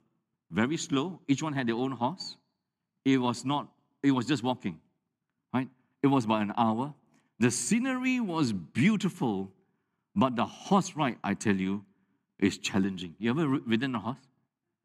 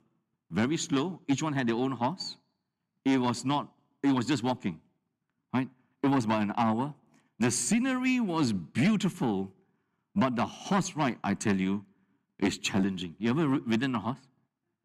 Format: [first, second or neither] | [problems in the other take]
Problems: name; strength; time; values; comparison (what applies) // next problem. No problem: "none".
first | distortion; slight; 10 dB below the speech